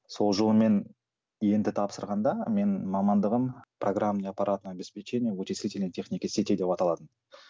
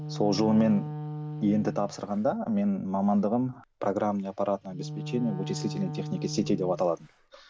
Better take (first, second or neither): first